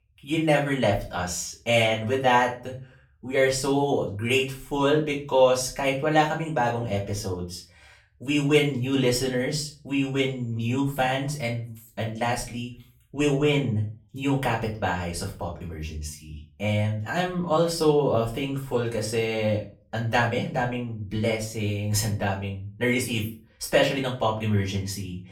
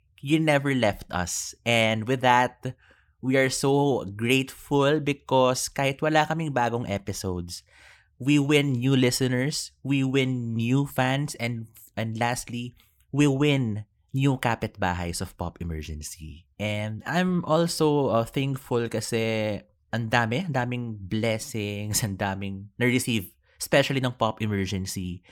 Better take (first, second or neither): second